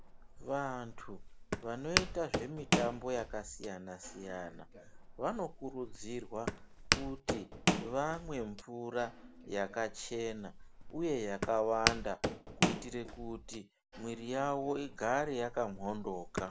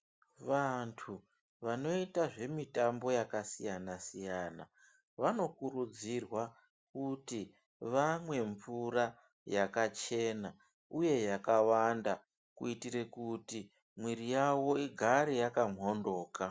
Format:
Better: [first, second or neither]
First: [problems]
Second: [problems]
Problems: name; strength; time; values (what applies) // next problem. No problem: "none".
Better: second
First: background sound (Walk, footsteps); 1 dB below the speech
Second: none